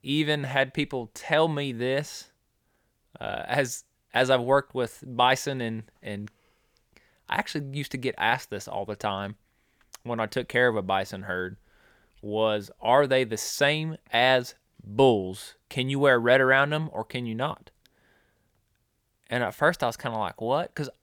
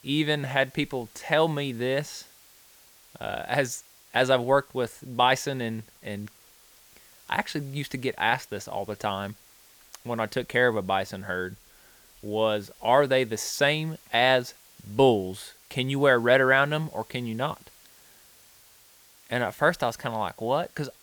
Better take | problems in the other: first | hiss; faint; throughout; 25 dB below the speech

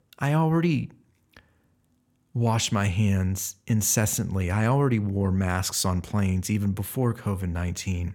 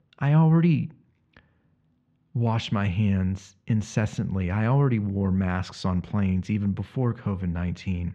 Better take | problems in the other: first | muffled; slightly; fading above 3.5 kHz

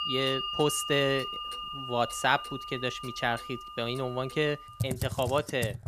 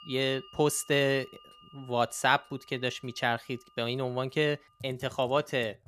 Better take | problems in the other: second | household noises; loud; throughout; 6 dB below the speech; faint in the second

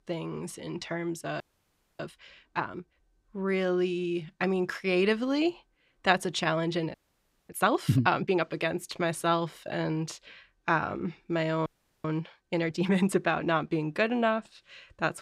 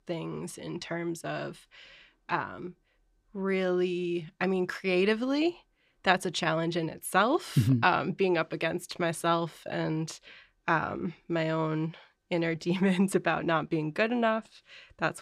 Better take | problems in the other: second | audio freezing; at 1.5 s for 0.5 s, at 7 s for 0.5 s and at 12 s

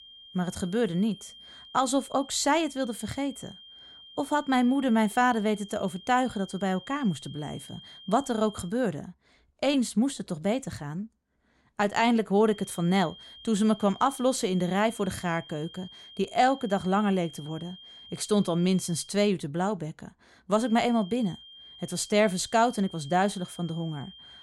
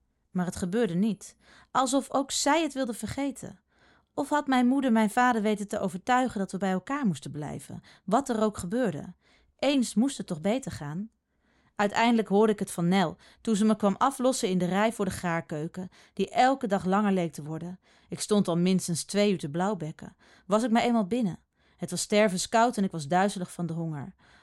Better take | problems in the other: second | high-pitched whine; noticeable; until 8.5 s, from 12 to 19 s and from 21 s on; 3 kHz, 20 dB below the speech

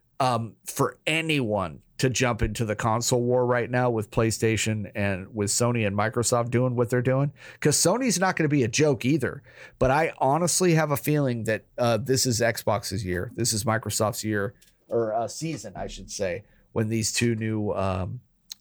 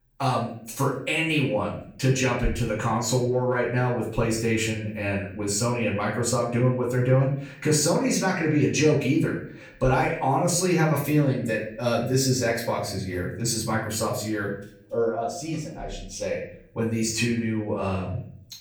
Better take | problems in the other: first | off-mic speech; far // room echo; slight; dies away in 0.5 s

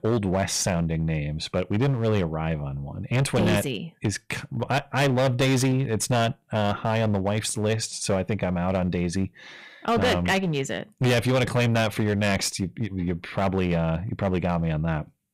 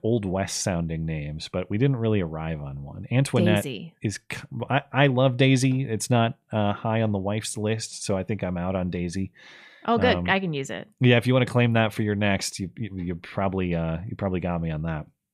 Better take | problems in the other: second | distortion; heavy; 13% of the sound clipped

